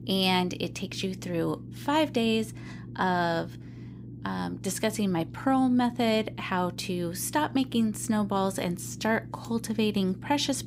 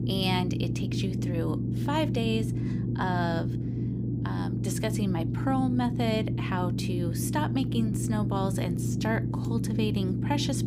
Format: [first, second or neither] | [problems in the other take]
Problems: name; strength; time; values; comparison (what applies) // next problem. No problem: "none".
first | low rumble; loud; throughout; 5 dB below the speech; faint in the first